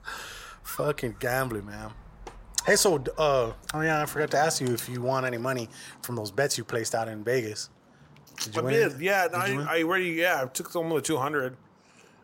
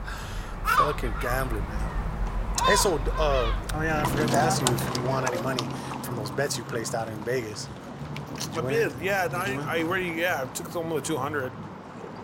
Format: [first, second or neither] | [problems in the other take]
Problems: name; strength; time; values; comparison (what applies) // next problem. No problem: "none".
first | animal sounds; loud; throughout; 2 dB below the speech; faint in the first